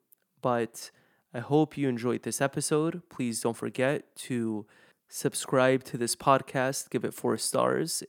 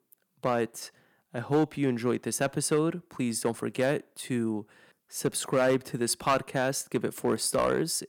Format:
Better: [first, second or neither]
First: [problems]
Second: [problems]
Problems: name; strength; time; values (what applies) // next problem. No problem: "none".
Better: first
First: none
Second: distortion; slight; 2% of the sound clipped